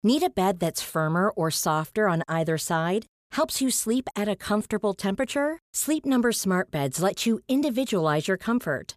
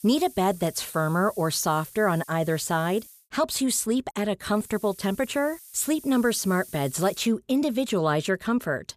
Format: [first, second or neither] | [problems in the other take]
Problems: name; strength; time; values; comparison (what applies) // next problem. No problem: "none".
first | hiss; noticeable; until 3 s and from 4.5 to 7 s; 20 dB below the speech